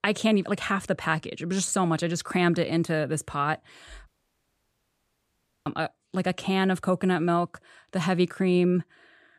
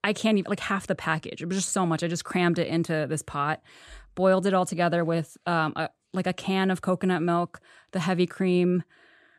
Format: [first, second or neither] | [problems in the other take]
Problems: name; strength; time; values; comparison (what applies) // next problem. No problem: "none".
second | audio cutting out; at 4 s for 1.5 s